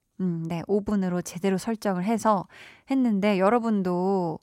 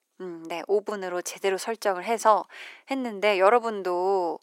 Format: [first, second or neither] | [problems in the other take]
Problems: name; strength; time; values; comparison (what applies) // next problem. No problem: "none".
first | thin; very; fading below 350 Hz